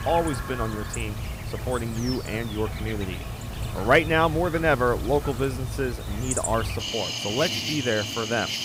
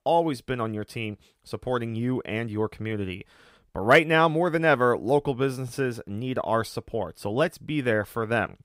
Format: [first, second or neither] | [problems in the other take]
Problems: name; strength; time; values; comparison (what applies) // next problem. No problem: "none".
second | animal sounds; loud; throughout; 5 dB below the speech